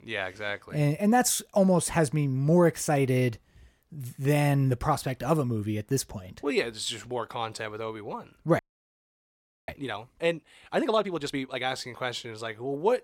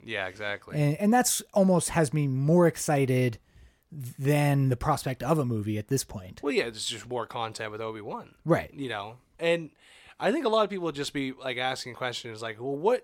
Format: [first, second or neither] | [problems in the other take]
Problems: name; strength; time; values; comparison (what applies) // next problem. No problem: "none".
second | audio freezing; at 8.5 s for 1 s